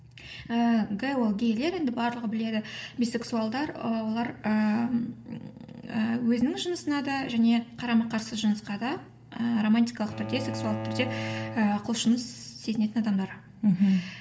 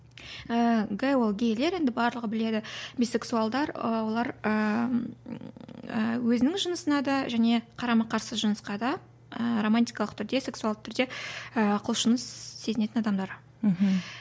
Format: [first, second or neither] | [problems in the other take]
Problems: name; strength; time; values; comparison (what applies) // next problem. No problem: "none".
second | background sound (Bowed string instrument); 9 dB below the speech // room echo; dies away in 1.2 s